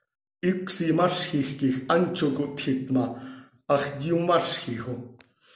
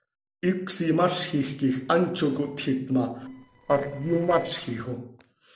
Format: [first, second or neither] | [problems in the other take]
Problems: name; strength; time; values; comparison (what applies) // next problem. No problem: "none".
first | noise reduction (neural separator model SepFormer DNS4)